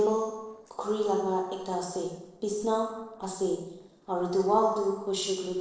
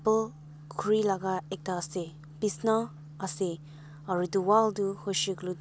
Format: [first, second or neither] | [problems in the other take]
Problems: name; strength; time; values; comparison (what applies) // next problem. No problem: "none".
second | noise reduction (neural separator model SepFormer DNS4)